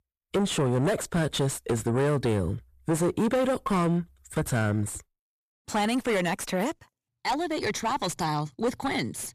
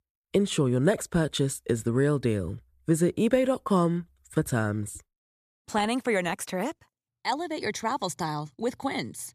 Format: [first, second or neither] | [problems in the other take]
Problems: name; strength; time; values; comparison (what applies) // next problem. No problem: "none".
second | distortion; heavy; 7 dB below the speech